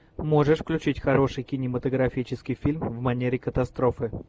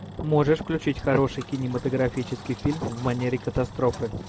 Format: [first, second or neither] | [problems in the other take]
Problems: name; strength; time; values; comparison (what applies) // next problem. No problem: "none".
first | background sound (Engine); 14 dB below the speech